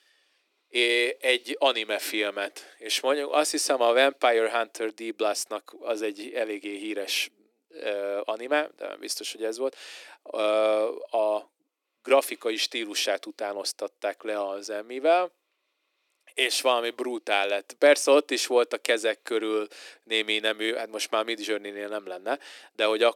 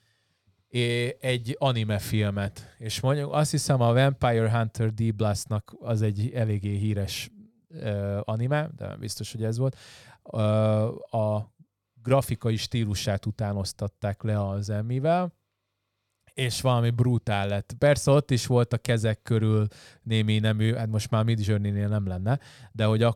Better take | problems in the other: second | thin; very; fading below 300 Hz

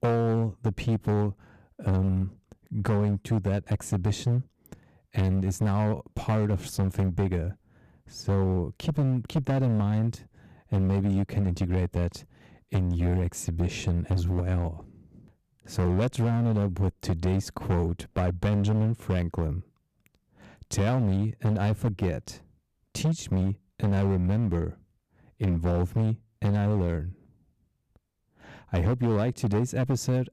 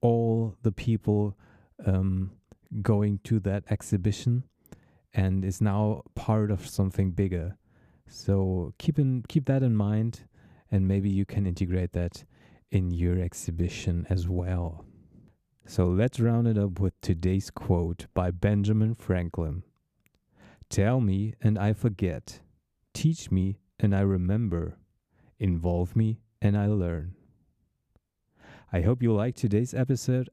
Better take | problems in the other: second | distortion; slight; 12% of the sound clipped

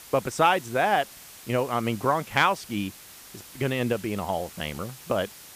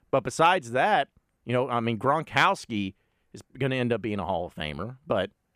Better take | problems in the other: second | hiss; noticeable; throughout; 15 dB below the speech

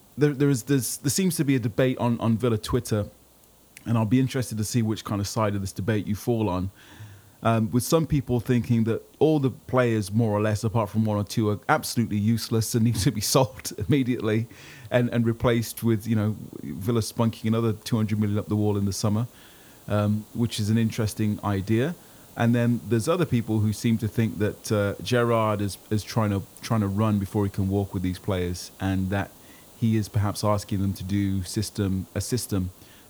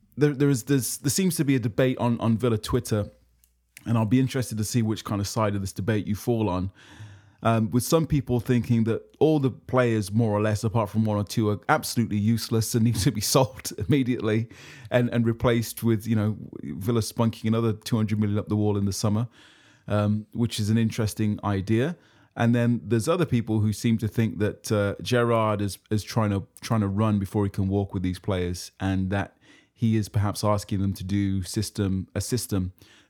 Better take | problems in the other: second | hiss; faint; throughout; 25 dB below the speech

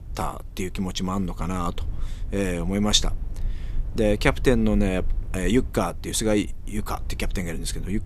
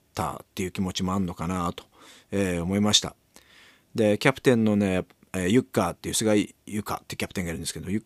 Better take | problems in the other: second | low rumble; faint; throughout; 25 dB below the speech

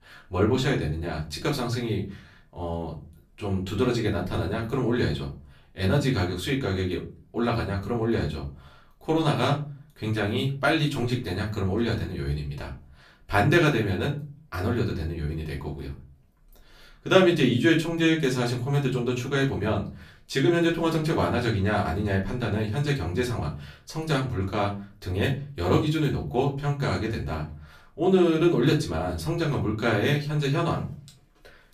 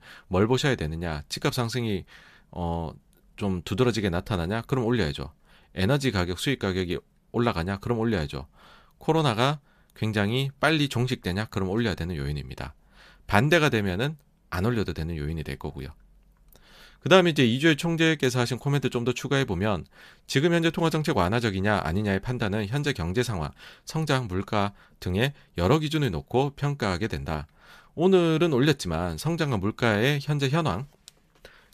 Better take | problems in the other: second | off-mic speech; far // room echo; very slight; dies away in 0.3 s

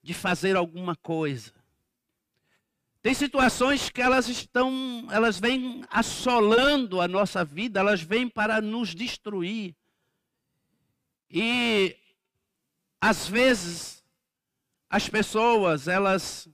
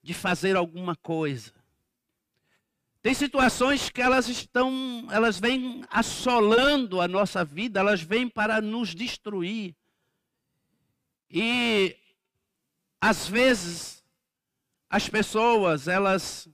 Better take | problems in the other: neither | distortion; heavy; 7 dB below the speech; the same in both

